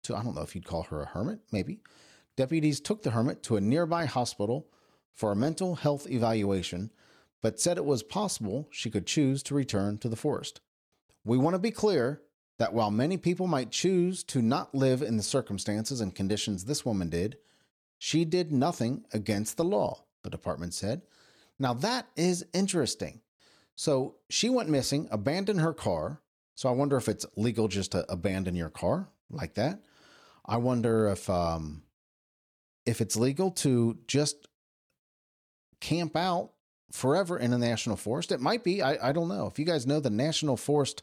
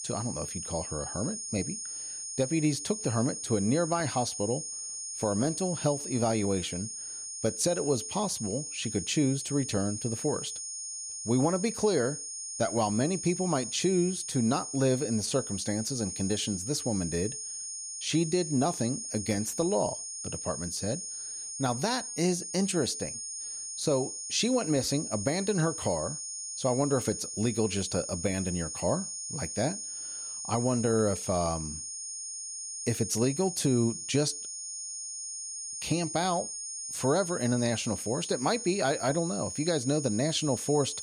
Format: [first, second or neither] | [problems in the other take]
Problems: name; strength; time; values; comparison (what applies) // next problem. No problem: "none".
first | high-pitched whine; loud; throughout; 6.5 kHz, 5 dB below the speech